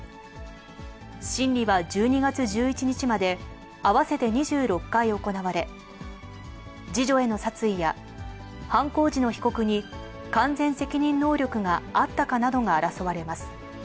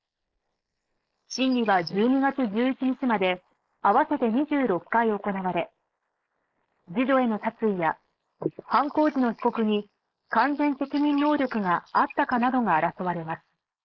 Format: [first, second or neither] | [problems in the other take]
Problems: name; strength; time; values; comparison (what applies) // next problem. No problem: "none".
first | noise reduction (neural mask model Resemble Enhance denoiser)